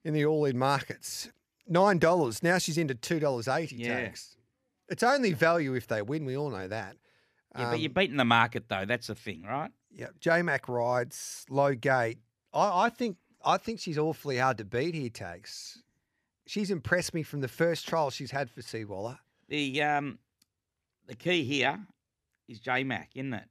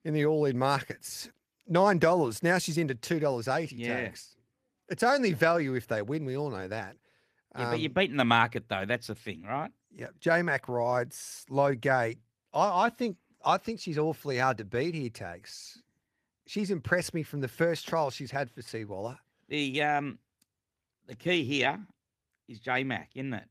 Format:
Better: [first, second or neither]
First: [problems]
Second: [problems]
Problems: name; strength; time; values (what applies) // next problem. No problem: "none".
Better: first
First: none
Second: garbled, watery; slightly; nothing above 14.5 kHz